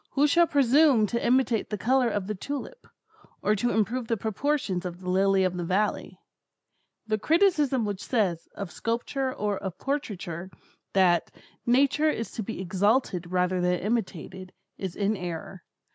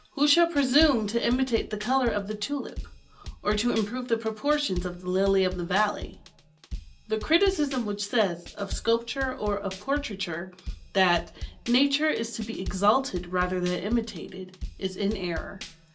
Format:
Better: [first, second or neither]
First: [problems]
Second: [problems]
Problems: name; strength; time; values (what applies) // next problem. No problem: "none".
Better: first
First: none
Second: background sound (Drum / Drum kit); 13 dB below the speech // room echo; dies away in 0.2 s